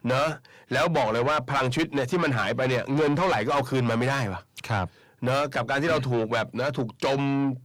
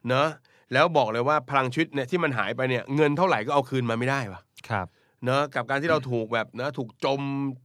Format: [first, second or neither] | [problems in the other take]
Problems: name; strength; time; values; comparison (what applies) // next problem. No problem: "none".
second | distortion; heavy; 6 dB below the speech